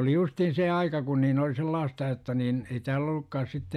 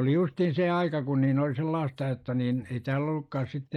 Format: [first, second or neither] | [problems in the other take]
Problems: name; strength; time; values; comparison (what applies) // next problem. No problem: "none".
first | noise reduction (neural mask model Resemble Enhance denoiser)